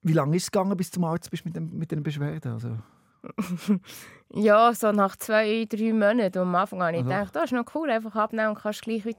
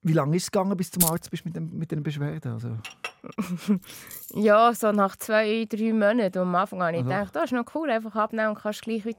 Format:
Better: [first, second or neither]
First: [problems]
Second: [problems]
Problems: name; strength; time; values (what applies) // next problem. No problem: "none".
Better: first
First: none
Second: jangling keys; loud; at 1 s; peak 1 dB above the speech // clattering dishes; faint; at 3 s; peak 10 dB below the speech // jangling keys; faint; at 4 s; peak 15 dB below the speech